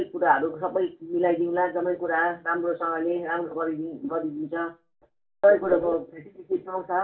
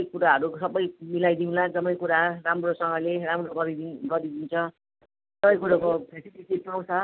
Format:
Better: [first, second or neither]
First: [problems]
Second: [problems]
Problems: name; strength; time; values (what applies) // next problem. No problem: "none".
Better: second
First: room echo; dies away in 0.2 s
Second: none